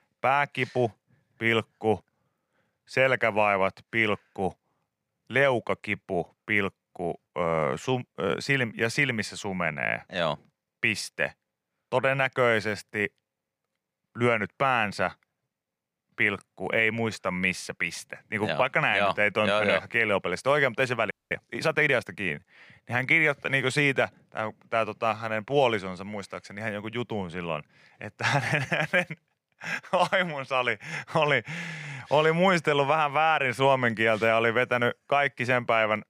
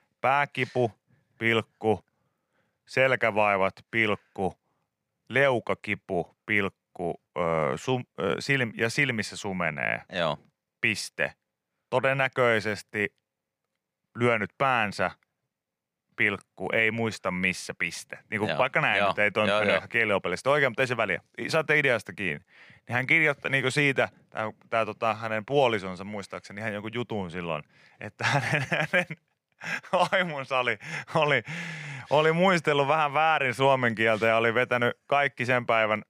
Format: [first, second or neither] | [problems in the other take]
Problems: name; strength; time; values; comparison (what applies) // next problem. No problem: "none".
second | audio freezing; at 21 s